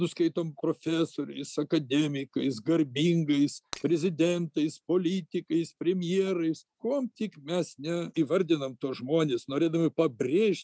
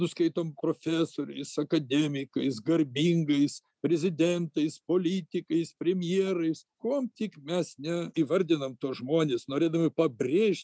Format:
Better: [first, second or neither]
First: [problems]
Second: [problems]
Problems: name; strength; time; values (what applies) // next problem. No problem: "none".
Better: second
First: background sound (Shatter); 17 dB below the speech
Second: none